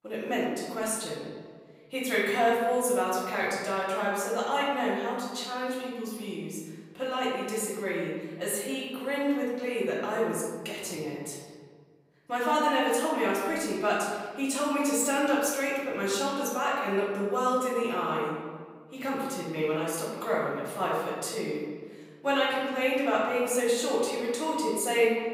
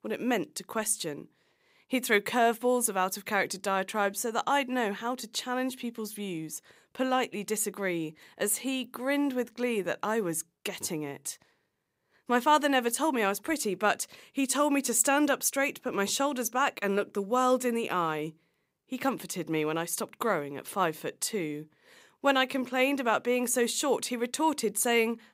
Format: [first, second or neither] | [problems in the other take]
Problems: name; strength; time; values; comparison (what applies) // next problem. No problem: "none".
second | room echo; noticeable; dies away in 1.4 s // off-mic speech; far